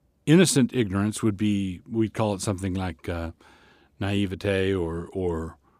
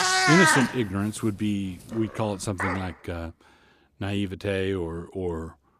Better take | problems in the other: first | animal sounds; very loud; until 2.5 s; 5 dB above the speech

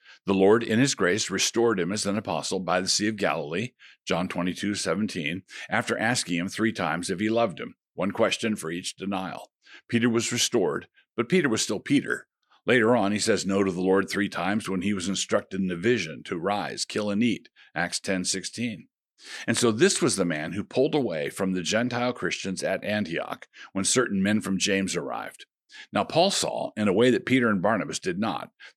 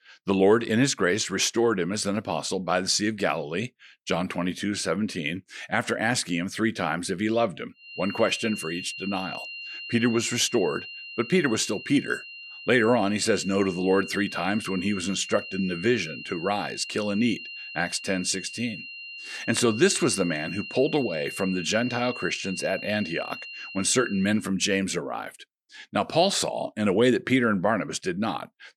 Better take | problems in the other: first | high-pitched whine; noticeable; from 8 to 24 s; 3 kHz, 10 dB below the speech

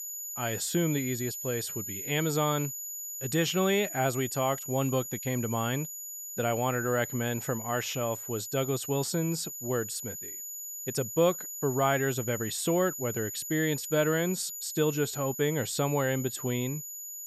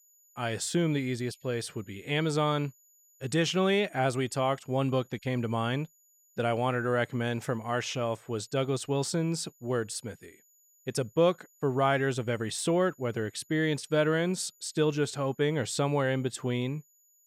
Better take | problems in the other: second | high-pitched whine; loud; throughout; 7 kHz, 6 dB below the speech; faint in the second

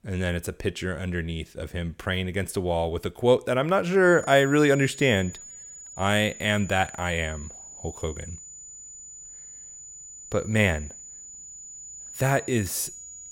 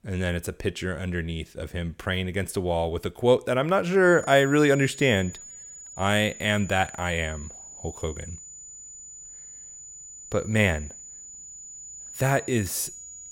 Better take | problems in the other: neither | high-pitched whine; noticeable; from 4 s on; 7 kHz, 15 dB below the speech; the same in both

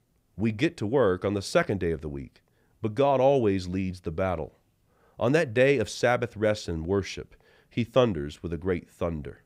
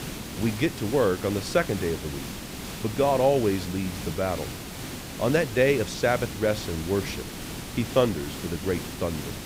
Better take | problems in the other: first | hiss; loud; throughout; 9 dB below the speech

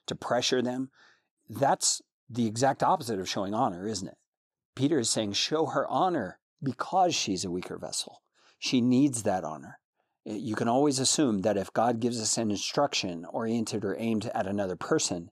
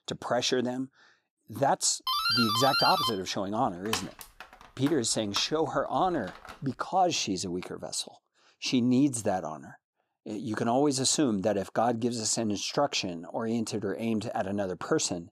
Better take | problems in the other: first | doorbell; loud; from 2 to 6.5 s; peak 4 dB above the speech

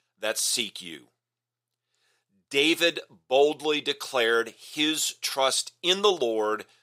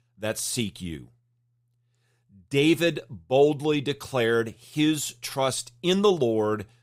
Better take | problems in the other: second | thin; somewhat; fading below 450 Hz

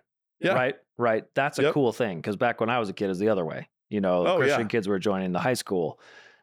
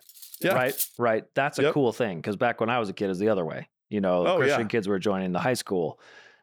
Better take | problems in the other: first | clattering dishes; noticeable; at the start; peak 4 dB below the speech

